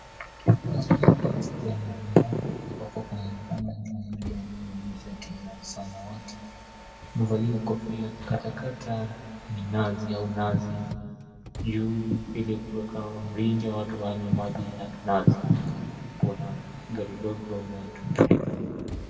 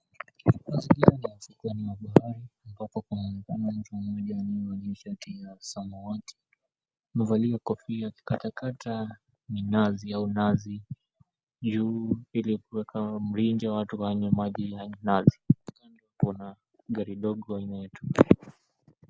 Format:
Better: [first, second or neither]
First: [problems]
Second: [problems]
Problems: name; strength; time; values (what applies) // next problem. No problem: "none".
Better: second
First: background sound (Mechanisms); 16 dB below the speech // room echo; dies away in 2.1 s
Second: none